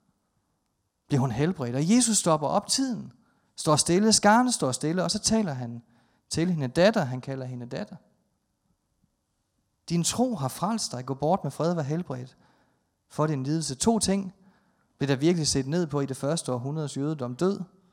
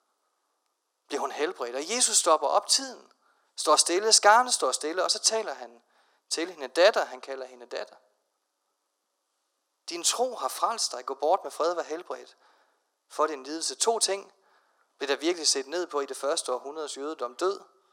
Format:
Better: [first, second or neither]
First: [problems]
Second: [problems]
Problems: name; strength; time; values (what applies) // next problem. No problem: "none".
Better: first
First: none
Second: thin; very; fading below 350 Hz